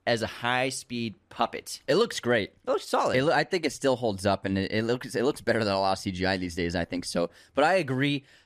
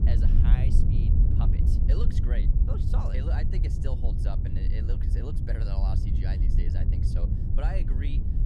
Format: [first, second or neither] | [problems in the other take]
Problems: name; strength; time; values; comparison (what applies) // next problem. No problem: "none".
first | wind noise on the microphone; heavy; 1 dB above the speech